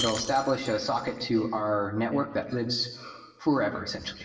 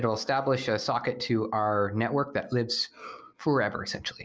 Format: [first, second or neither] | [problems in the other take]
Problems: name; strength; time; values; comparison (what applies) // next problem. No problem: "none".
second | background sound (Shatter); 14 dB below the speech // room echo; dies away in 1.2 s